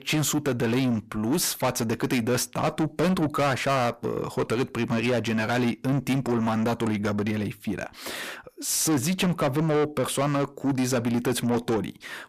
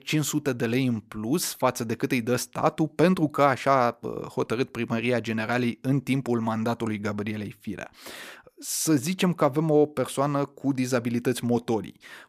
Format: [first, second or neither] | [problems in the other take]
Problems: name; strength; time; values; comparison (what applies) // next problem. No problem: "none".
second | distortion; heavy; 7 dB below the speech